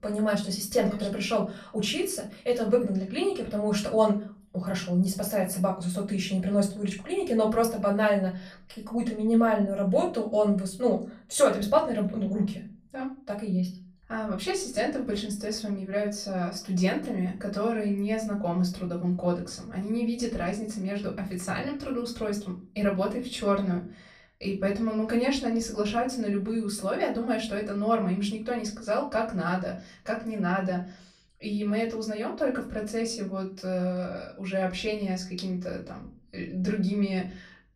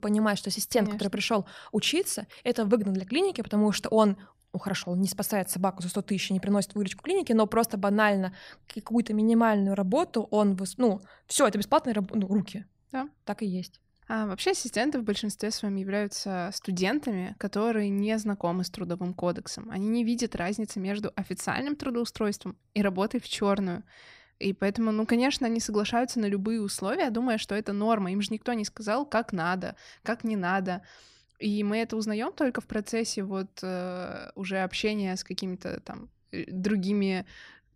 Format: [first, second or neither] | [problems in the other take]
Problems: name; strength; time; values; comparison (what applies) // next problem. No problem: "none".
second | off-mic speech; far // room echo; very slight; dies away in 0.3 s